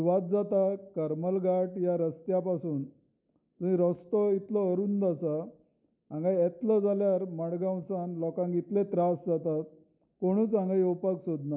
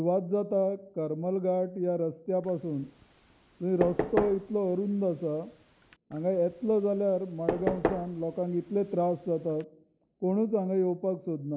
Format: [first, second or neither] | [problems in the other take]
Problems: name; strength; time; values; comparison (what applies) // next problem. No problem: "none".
first | background sound (Knock / Wood); 7 dB below the speech